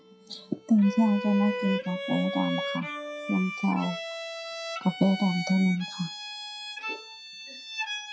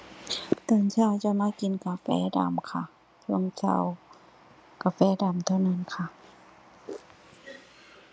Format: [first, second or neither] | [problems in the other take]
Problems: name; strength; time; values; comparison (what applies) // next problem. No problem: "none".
second | noise reduction (classical method WPE with log-MMSE)